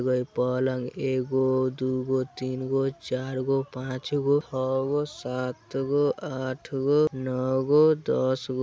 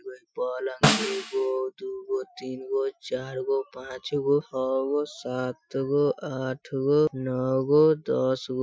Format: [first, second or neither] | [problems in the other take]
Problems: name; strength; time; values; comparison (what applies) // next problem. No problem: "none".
first | noise reduction (classical method Wiener filter)